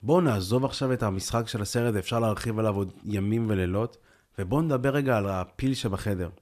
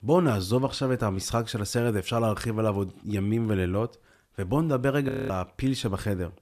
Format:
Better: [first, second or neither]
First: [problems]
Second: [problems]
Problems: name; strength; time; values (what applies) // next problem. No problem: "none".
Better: first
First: none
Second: audio freezing; at 5 s